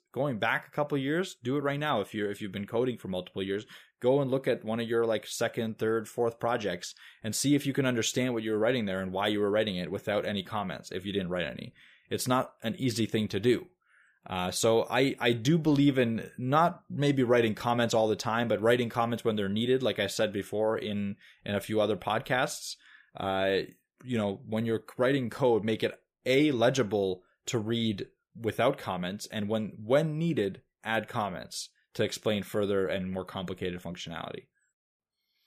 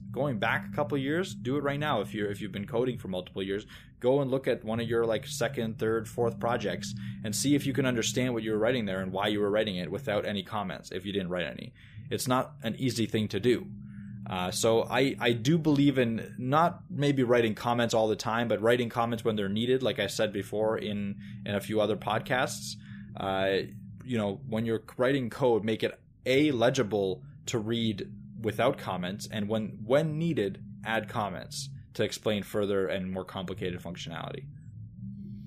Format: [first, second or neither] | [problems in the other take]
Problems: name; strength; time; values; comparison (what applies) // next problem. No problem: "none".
first | low rumble; faint; throughout; 25 dB below the speech